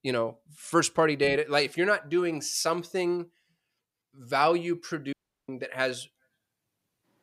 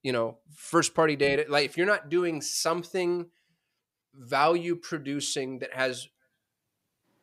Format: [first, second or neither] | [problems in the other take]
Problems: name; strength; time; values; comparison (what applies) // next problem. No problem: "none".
second | audio cutting out; at 5 s